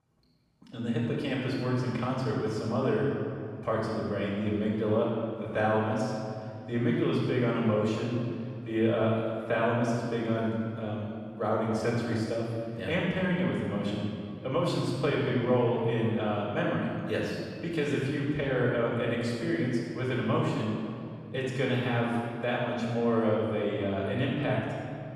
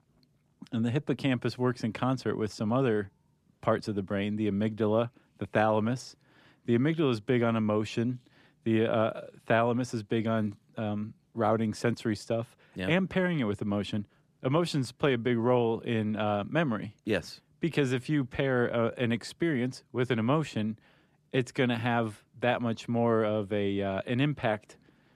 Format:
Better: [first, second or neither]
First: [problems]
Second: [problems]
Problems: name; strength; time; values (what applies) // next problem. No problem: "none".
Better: second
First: off-mic speech; far // room echo; strong; dies away in 2.2 s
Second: none